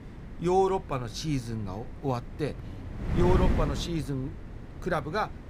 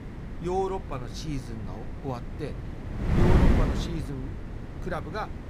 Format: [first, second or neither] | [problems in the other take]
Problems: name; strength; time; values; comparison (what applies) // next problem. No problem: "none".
first | wind noise on the microphone; heavy; 2 dB below the speech; occasional gusts in the first